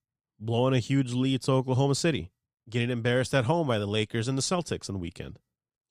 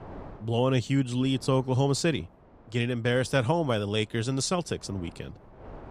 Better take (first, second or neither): first